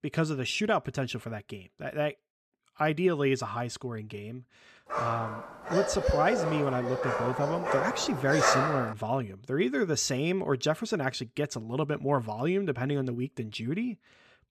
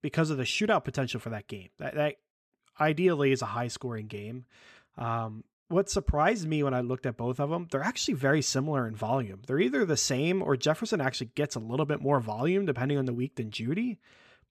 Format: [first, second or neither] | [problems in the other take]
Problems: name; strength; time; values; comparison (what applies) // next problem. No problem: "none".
second | dog barking; loud; from 5 to 9 s; peak 6 dB above the speech